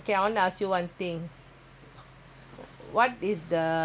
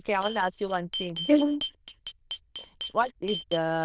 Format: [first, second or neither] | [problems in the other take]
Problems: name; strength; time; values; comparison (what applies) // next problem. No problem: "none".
first | noise reduction (neural diffusion model UNIVERSE++)